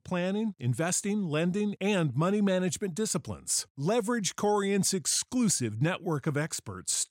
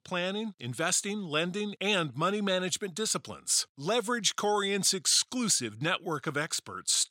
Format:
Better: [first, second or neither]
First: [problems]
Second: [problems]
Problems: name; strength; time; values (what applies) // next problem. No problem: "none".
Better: first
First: none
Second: thin; very slightly; fading below 700 Hz